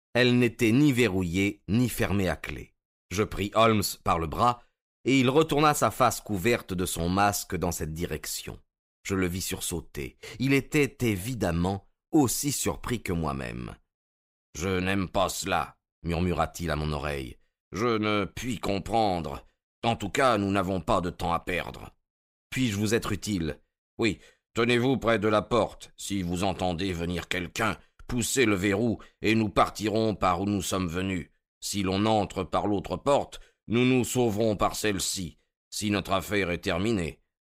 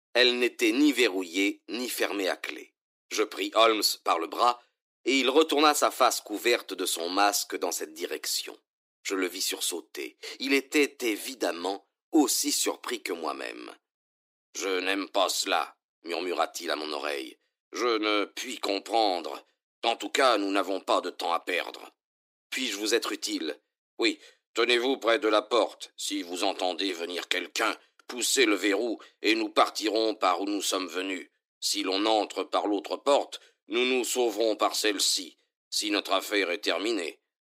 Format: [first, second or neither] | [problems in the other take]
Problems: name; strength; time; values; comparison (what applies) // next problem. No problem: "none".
first | thin; somewhat; fading below 300 Hz